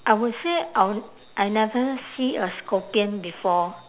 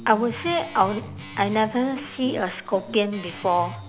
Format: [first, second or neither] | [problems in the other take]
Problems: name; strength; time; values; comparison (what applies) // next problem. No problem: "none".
first | background sound (Guitar); 14 dB below the speech